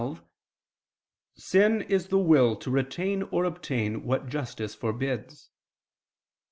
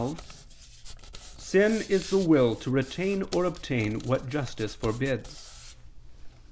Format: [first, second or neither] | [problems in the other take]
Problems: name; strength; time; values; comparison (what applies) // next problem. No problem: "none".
first | background sound (Hands); 14 dB below the speech